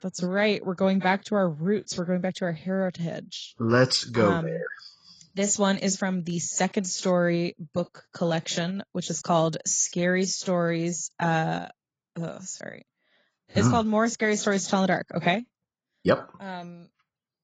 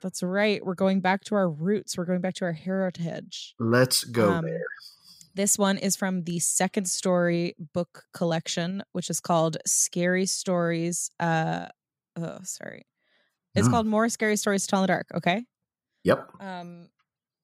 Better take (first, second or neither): second